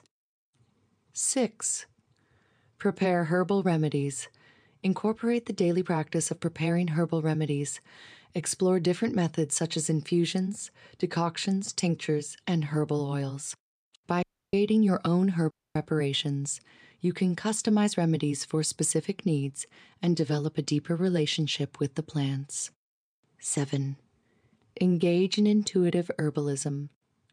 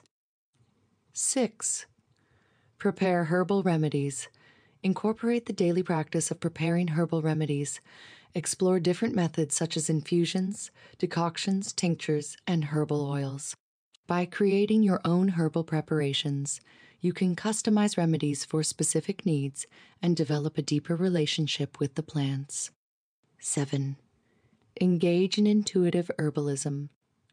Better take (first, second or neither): second